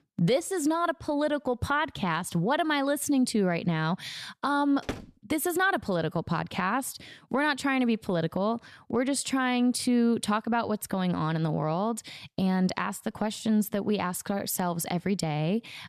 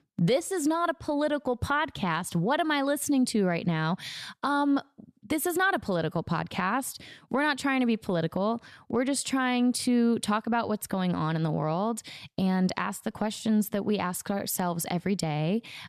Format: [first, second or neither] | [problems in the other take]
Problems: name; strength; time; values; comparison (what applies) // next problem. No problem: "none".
second | door banging; faint; at 5 s; peak 10 dB below the speech